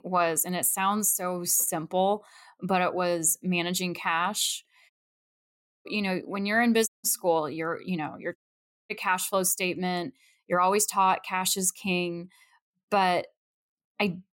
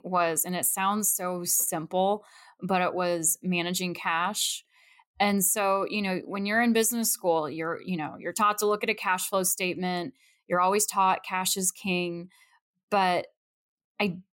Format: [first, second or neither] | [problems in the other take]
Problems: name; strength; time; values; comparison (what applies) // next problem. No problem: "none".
second | audio cutting out; at 5 s for 1 s, at 7 s and at 8.5 s for 0.5 s